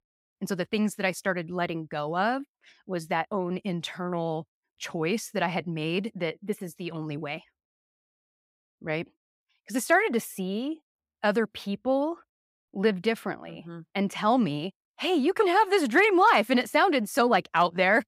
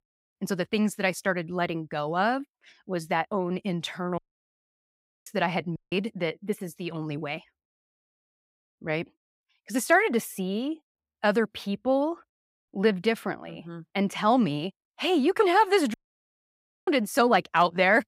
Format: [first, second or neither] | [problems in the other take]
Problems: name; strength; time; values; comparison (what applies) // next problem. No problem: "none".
first | audio cutting out; at 4 s for 1 s, at 6 s and at 16 s for 1 s